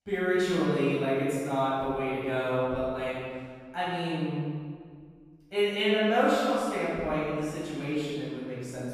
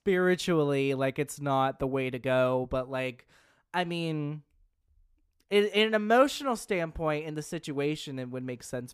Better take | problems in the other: second | off-mic speech; far // room echo; strong; dies away in 1.6 s

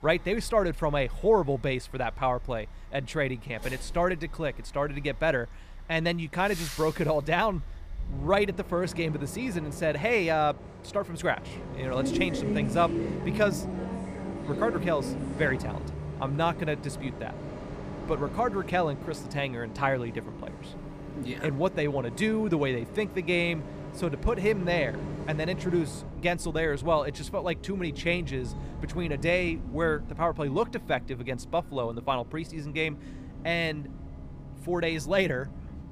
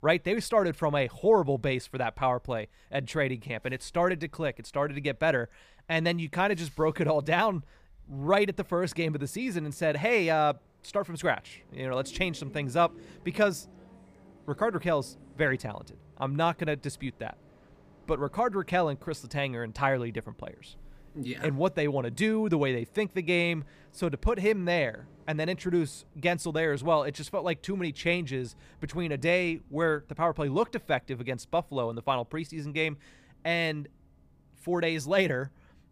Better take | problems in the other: second | traffic noise; loud; throughout; 9 dB below the speech; faint in the second

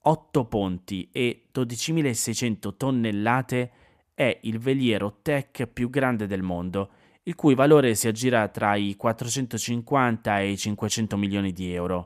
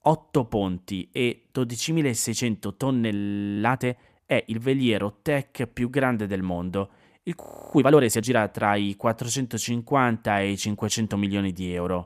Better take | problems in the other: first | audio freezing; at 3 s and at 7.5 s

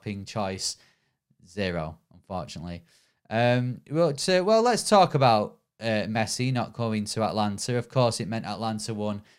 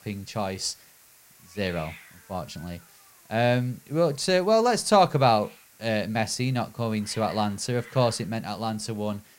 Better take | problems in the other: first | hiss; faint; throughout; 25 dB below the speech

